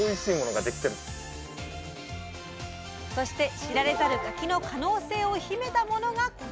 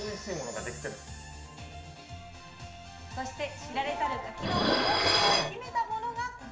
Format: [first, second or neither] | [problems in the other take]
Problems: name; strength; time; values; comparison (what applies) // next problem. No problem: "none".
first | background sound (Dishes, pots, and pans); 4 dB above the speech // room echo; dies away in 0.8 s